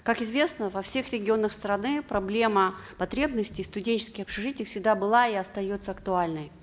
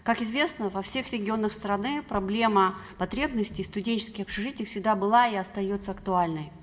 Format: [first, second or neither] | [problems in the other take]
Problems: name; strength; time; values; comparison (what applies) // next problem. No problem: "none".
first | room echo; dies away in 0.3 s